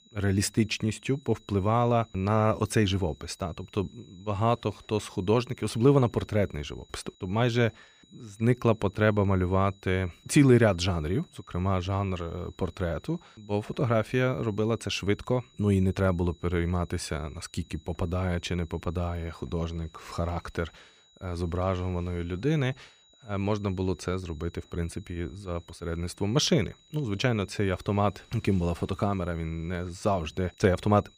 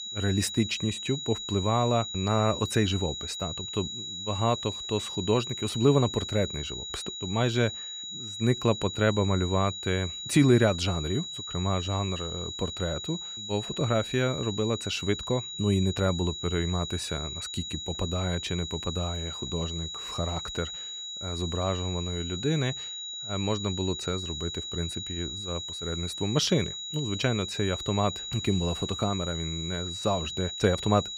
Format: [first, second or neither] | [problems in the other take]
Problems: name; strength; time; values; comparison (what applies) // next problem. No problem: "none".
first | high-pitched whine; loud; throughout; 4 kHz, 5 dB below the speech; faint in the first